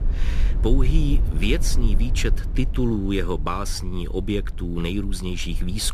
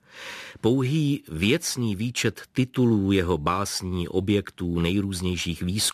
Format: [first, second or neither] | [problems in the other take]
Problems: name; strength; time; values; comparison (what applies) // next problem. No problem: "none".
second | low rumble; noticeable; throughout; 15 dB below the speech